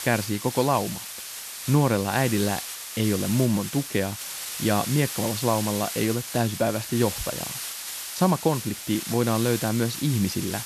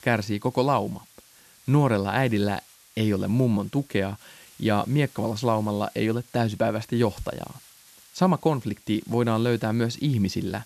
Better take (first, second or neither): second